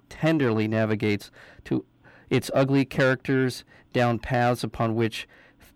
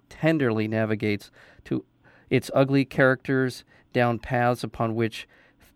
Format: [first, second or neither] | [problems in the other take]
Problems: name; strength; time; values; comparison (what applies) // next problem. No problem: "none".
second | distortion; slight; 10 dB below the speech